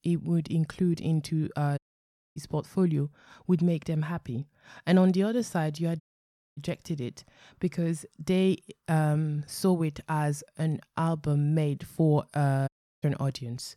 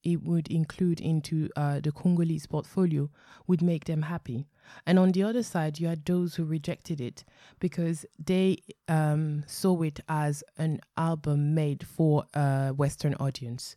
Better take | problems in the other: second | audio cutting out; at 2 s for 0.5 s, at 6 s for 0.5 s and at 13 s

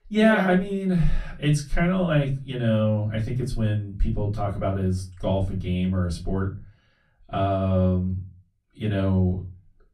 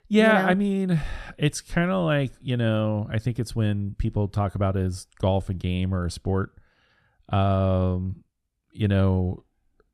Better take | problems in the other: second | off-mic speech; far // room echo; very slight; dies away in 0.3 s

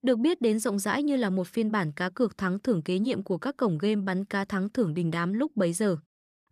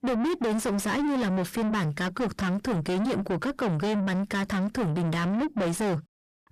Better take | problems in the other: first | distortion; heavy; 6 dB below the speech

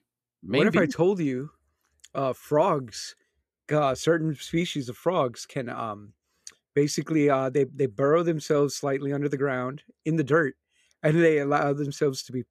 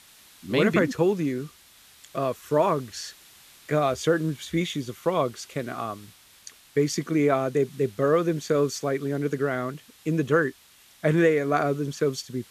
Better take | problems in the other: first | hiss; faint; throughout; 25 dB below the speech

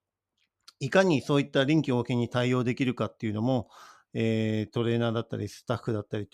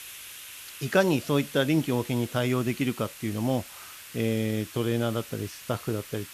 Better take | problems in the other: first | hiss; noticeable; throughout; 15 dB below the speech

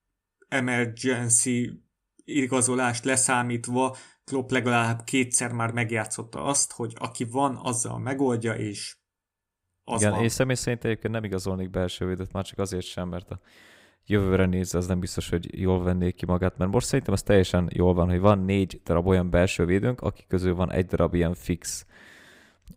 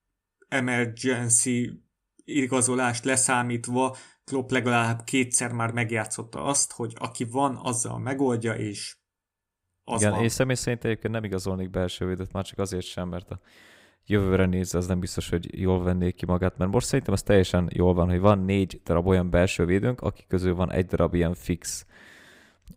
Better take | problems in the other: neither | none

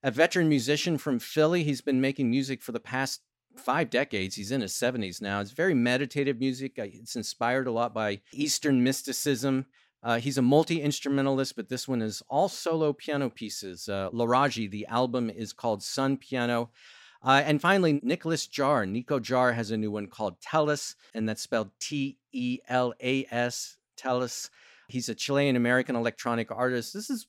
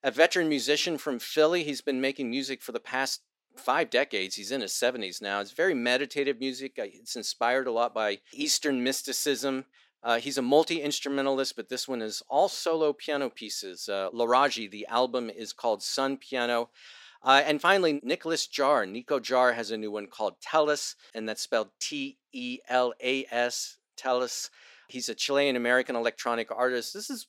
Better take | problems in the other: first | thin; somewhat; fading below 400 Hz

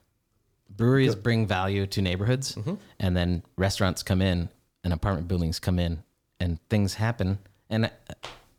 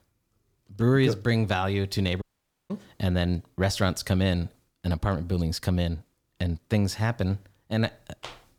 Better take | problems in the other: first | audio cutting out; at 2 s

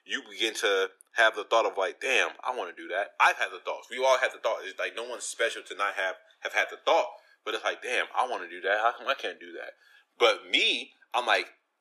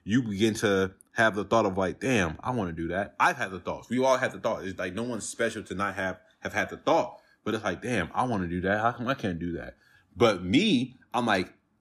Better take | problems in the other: second | thin; very; fading below 400 Hz

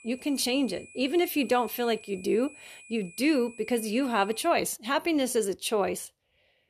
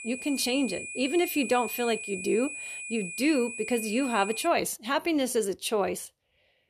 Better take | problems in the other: first | high-pitched whine; loud; until 4.5 s; 2.5 kHz, 8 dB below the speech; faint in the first

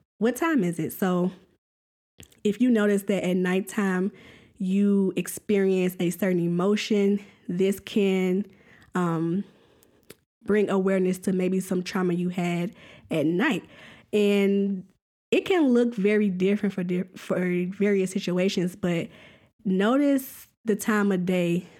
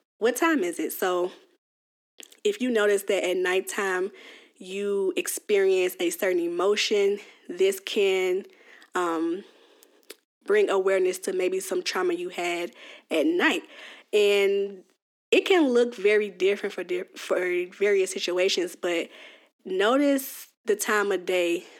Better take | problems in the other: first | thin; somewhat; fading below 300 Hz

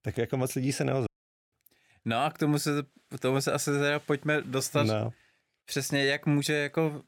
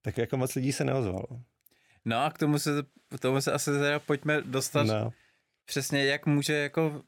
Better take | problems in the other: second | audio cutting out; at 1 s

